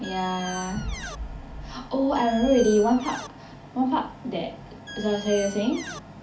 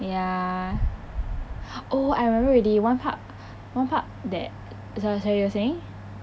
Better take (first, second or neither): second